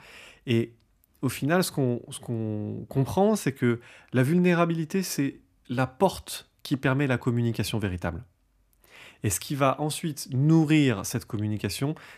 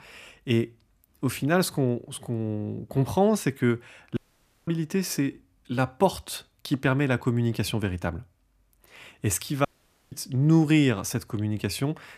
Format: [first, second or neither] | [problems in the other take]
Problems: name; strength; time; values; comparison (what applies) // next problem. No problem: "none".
first | audio cutting out; at 4 s for 0.5 s and at 9.5 s